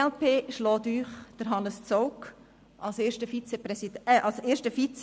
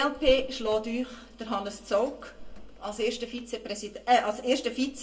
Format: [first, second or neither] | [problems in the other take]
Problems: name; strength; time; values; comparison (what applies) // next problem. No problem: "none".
first | background sound (Drawer open or close); 14 dB below the speech // room echo; dies away in 0.2 s